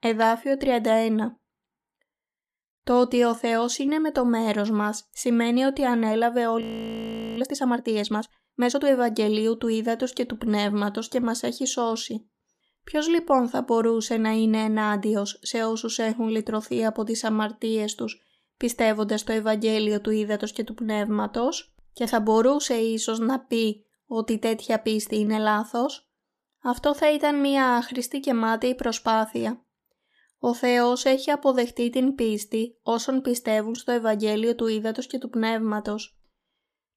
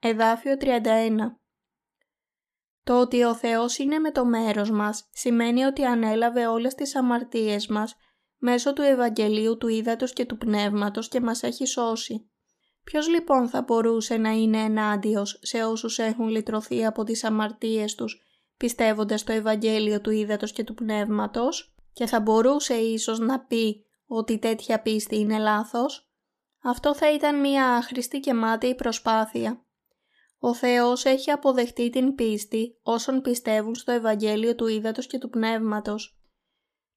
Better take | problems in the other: second | audio freezing; at 6.5 s for 1 s

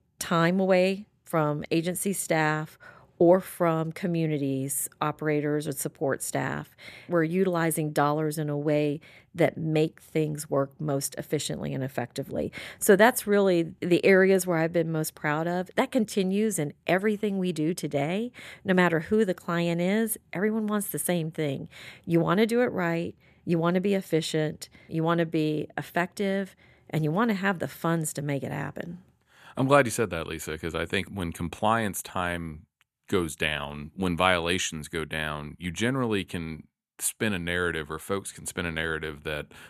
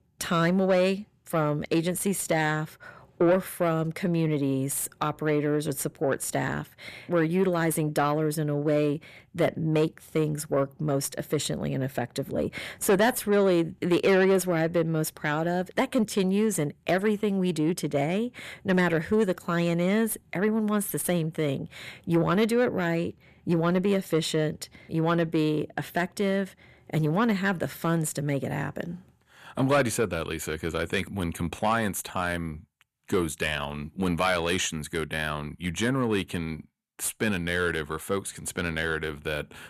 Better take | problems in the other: first | distortion; slight; 10 dB below the speech

